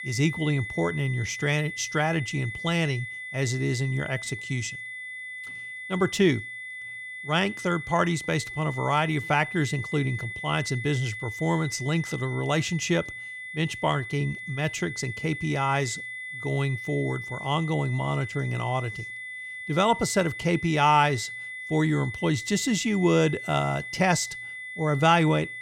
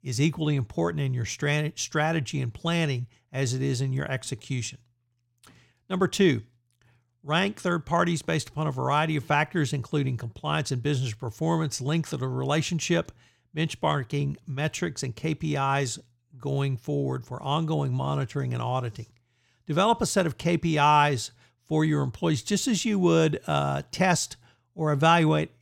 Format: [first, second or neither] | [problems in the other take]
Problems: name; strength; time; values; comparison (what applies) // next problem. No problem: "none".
second | high-pitched whine; loud; throughout; 2 kHz, 9 dB below the speech